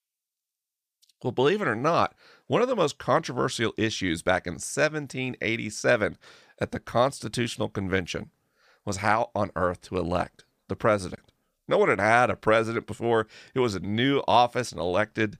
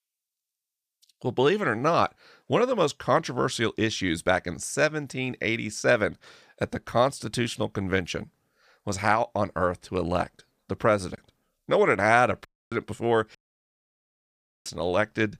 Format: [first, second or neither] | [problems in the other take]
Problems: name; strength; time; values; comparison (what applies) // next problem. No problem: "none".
first | audio cutting out; at 12 s and at 13 s for 1.5 s